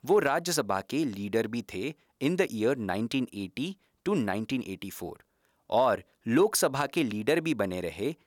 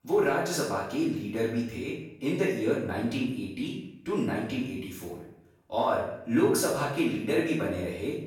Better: first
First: none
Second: off-mic speech; far // room echo; noticeable; dies away in 0.7 s

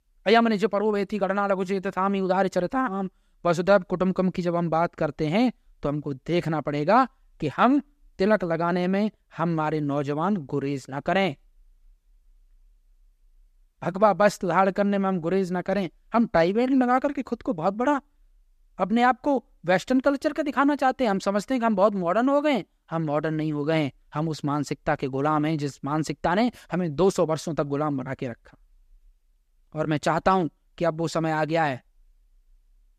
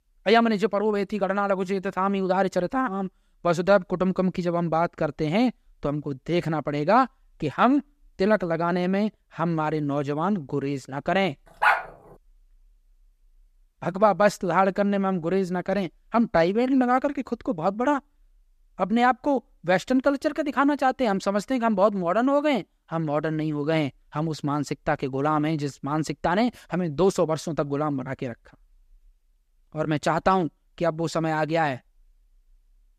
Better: first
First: none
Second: dog barking; loud; at 12 s; peak 3 dB above the speech

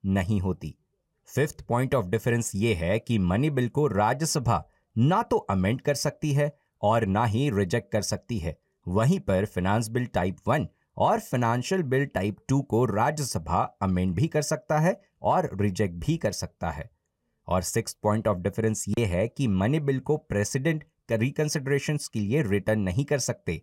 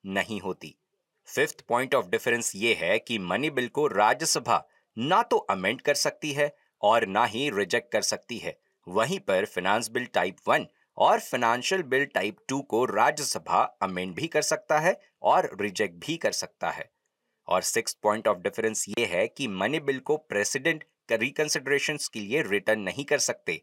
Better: first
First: none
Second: thin; somewhat; fading below 350 Hz

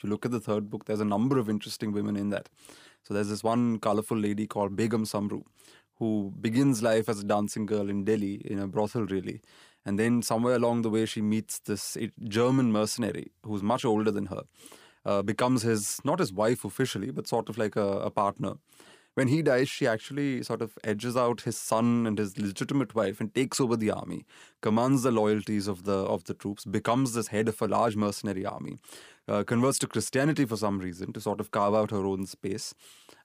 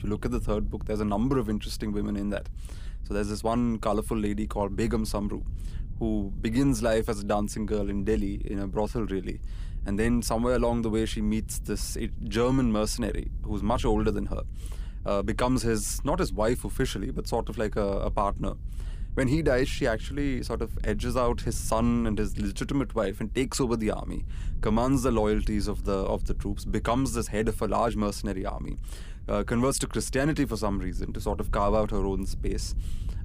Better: first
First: none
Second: low rumble; faint; throughout; 25 dB below the speech

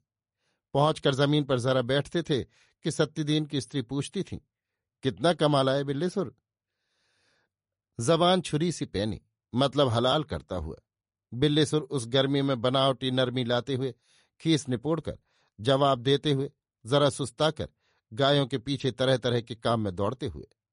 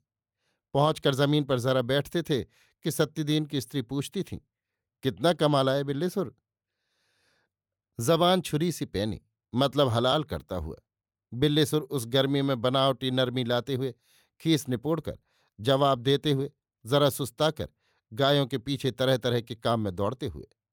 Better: second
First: garbled, watery; slightly; nothing above 10.5 kHz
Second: none

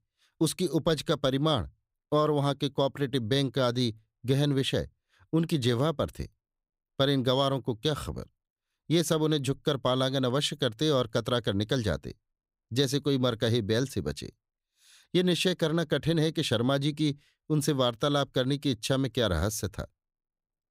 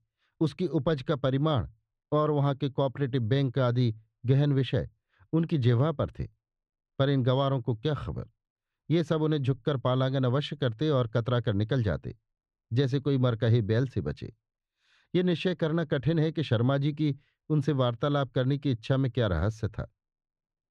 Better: first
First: none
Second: muffled; slightly; fading above 2.5 kHz

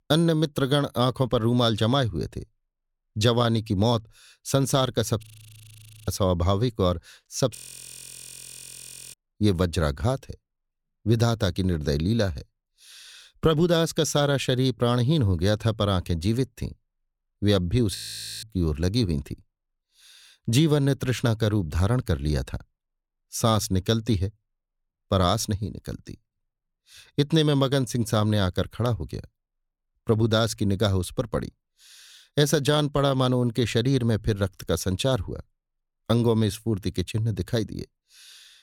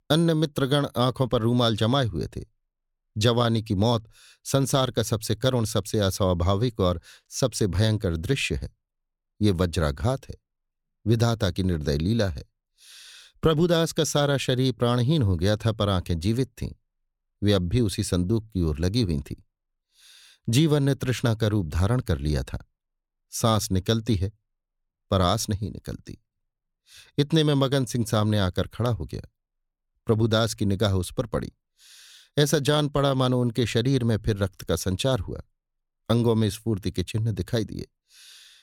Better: second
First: audio freezing; at 5 s for 1 s, at 7.5 s for 1.5 s and at 18 s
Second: none

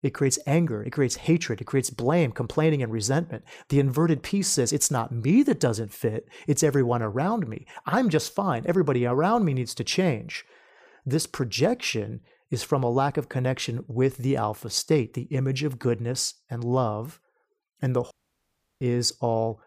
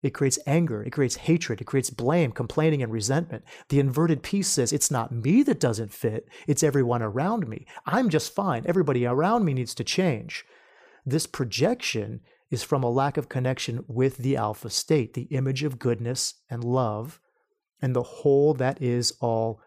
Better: second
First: audio cutting out; at 18 s for 0.5 s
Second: none

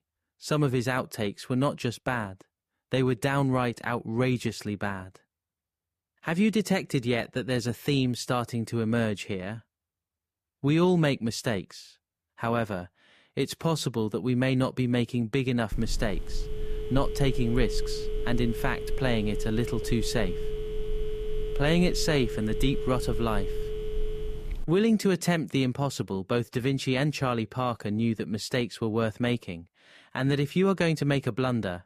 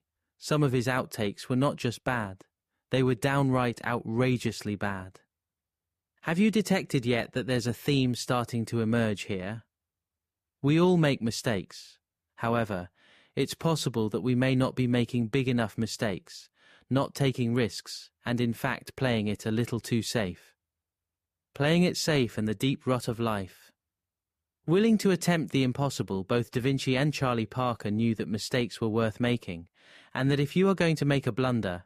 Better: second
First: phone ringing; noticeable; from 16 to 25 s; peak 5 dB below the speech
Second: none

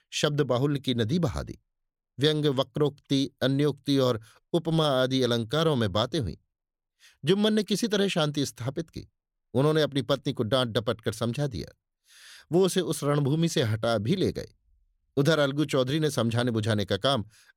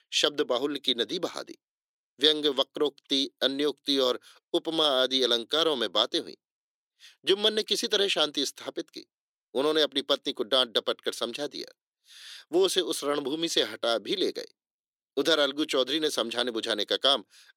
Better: first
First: none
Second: thin; somewhat; fading below 300 Hz

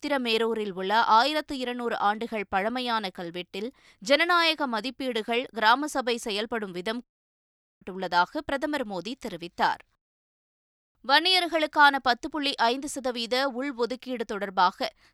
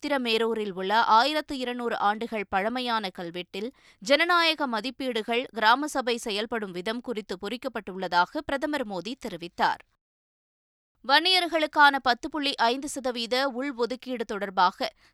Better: second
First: audio cutting out; at 7 s for 1 s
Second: none

